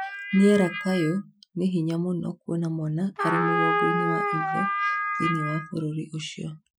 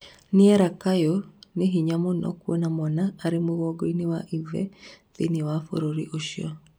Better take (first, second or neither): second